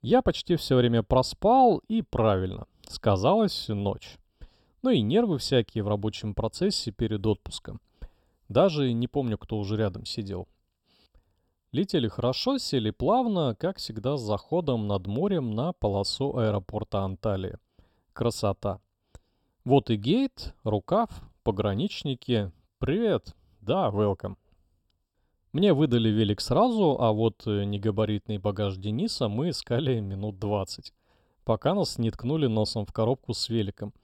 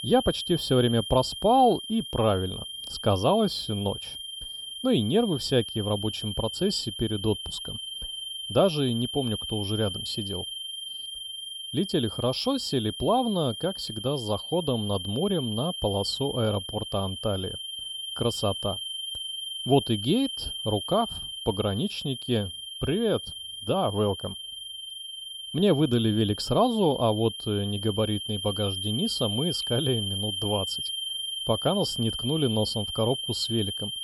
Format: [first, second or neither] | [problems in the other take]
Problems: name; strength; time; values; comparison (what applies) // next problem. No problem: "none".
first | high-pitched whine; loud; throughout; 3 kHz, 6 dB below the speech